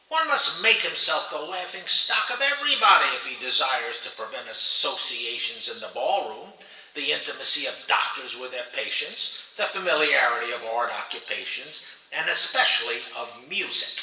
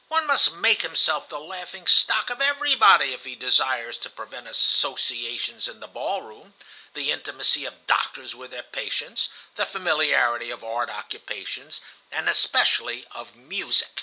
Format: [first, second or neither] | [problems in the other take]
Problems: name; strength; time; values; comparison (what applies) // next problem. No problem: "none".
second | room echo; dies away in 1 s